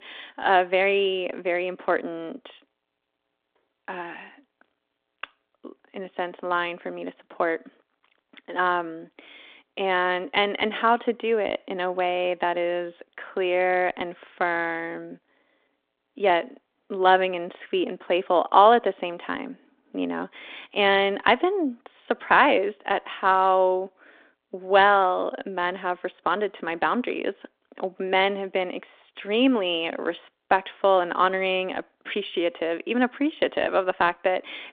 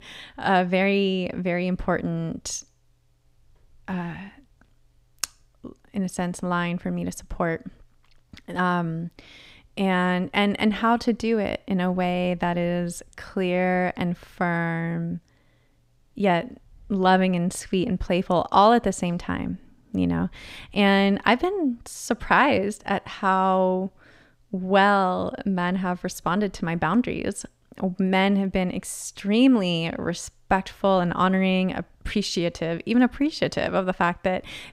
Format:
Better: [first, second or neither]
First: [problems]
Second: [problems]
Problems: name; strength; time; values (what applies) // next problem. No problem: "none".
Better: second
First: phone-call audio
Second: none